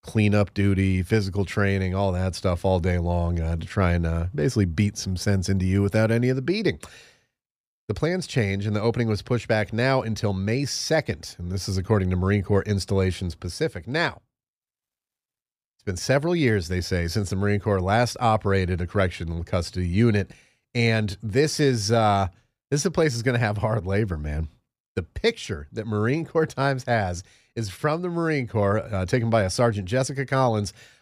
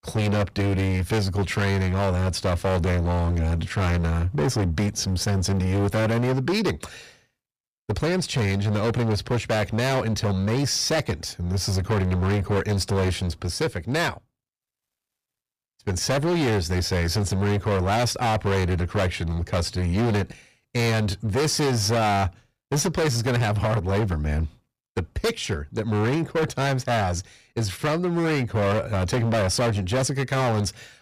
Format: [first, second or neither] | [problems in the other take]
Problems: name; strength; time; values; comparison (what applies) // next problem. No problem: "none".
first | distortion; heavy; 24% of the sound clipped